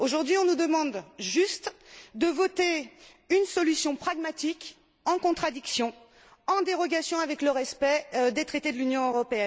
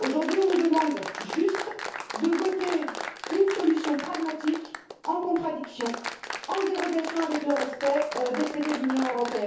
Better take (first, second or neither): first